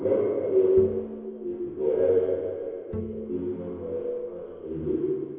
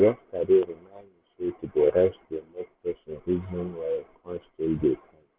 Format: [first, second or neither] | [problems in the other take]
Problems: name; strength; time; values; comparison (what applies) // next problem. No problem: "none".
second | background sound (Bowed string instrument); 14 dB below the speech // room echo; dies away in 2.2 s